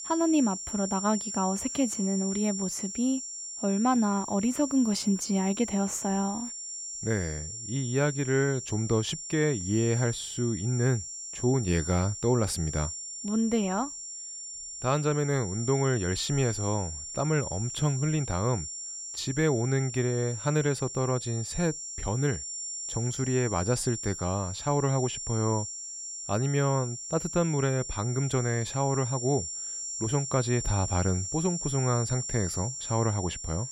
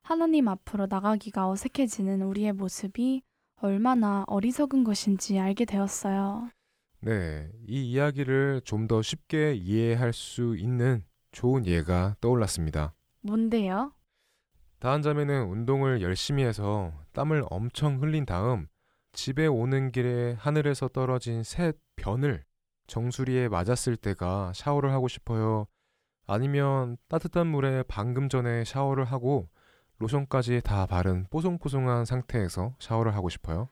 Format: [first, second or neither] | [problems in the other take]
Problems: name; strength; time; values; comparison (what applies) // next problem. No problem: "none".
second | high-pitched whine; loud; throughout; 7 kHz, 6 dB below the speech